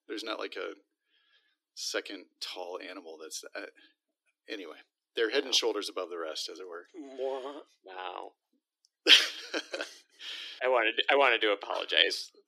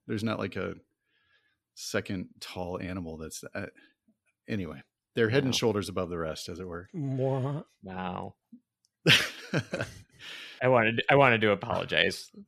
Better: second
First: thin; very; fading below 300 Hz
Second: none

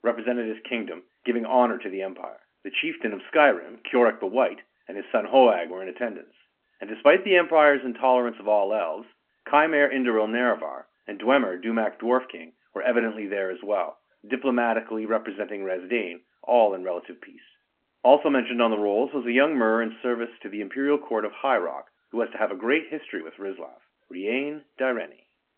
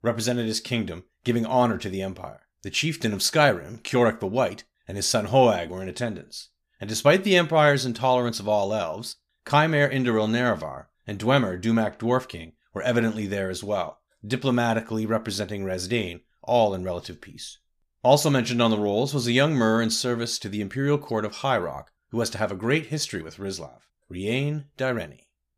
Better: second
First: phone-call audio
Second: none

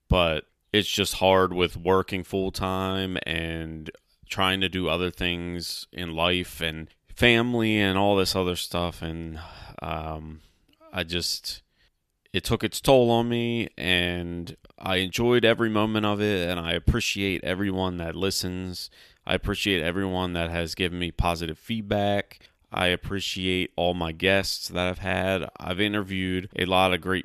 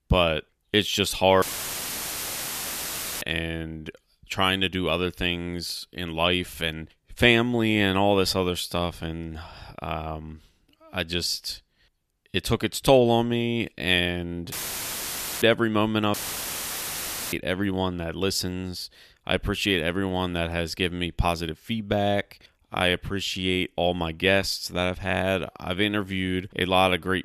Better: first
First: none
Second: audio cutting out; filled with static; at 1.5 s for 2 s, at 15 s for 1 s and at 16 s for 1 s

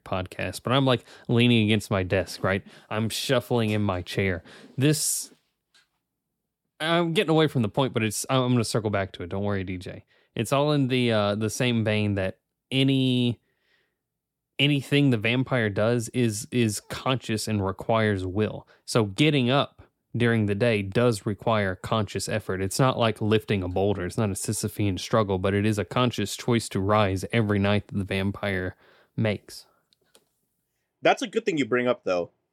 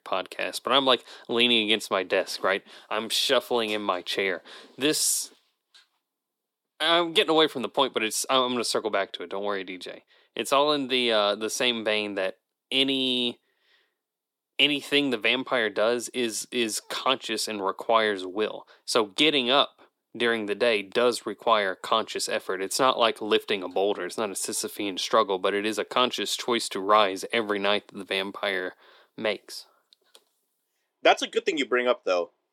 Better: first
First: none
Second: thin; somewhat; fading below 300 Hz

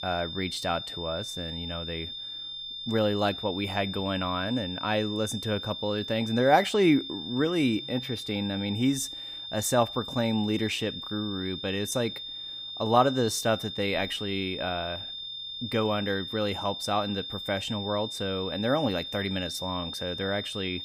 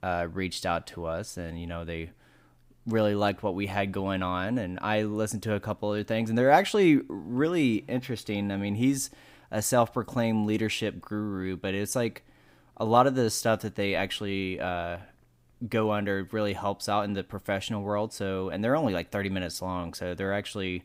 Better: second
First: high-pitched whine; loud; throughout; 3.5 kHz, 6 dB below the speech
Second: none

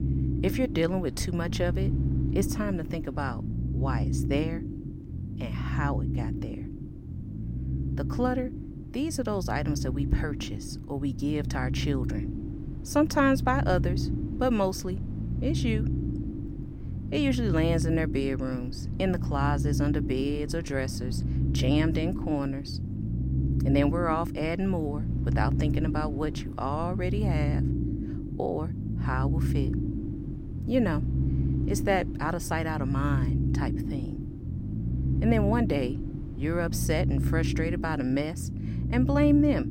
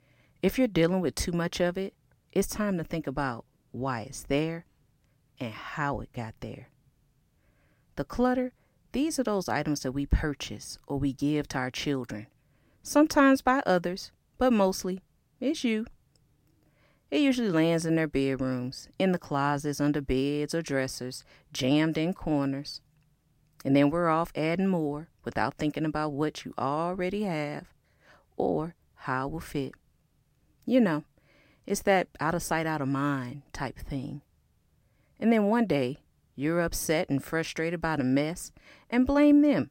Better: second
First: low rumble; loud; throughout; 9 dB below the speech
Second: none

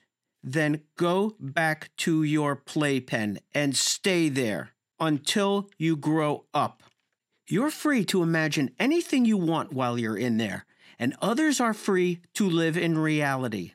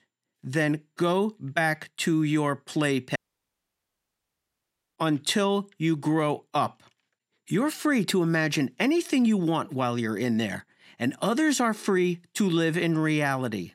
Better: first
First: none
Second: audio cutting out; at 3 s for 2 s

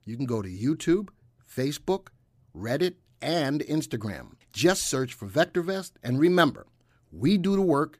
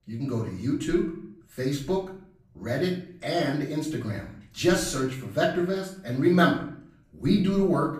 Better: first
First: none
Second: off-mic speech; far // room echo; slight; dies away in 0.5 s

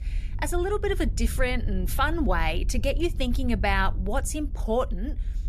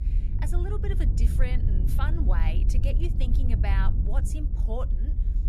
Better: first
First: low rumble; faint; throughout; 20 dB below the speech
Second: low rumble; loud; throughout; 6 dB below the speech

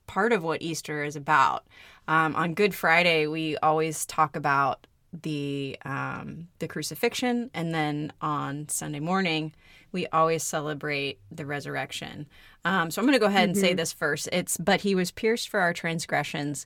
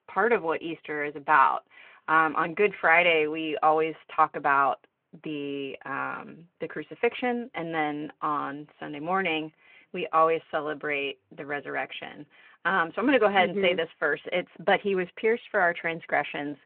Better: first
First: none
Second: phone-call audio

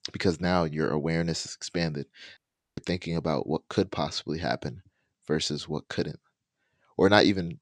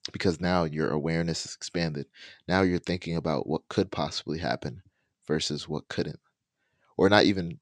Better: second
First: audio cutting out; at 2.5 s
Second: none

